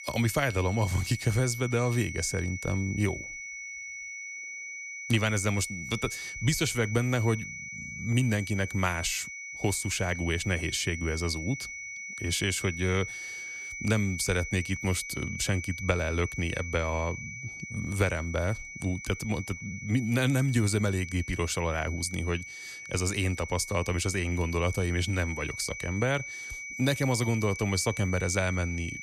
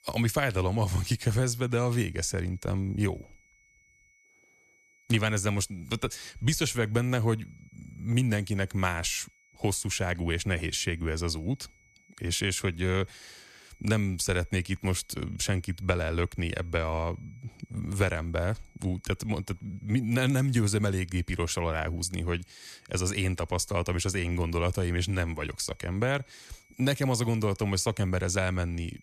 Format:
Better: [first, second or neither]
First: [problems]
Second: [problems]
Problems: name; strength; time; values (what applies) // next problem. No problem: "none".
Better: second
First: high-pitched whine; loud; throughout; 2 kHz, 9 dB below the speech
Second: high-pitched whine; faint; throughout; 2 kHz, 30 dB below the speech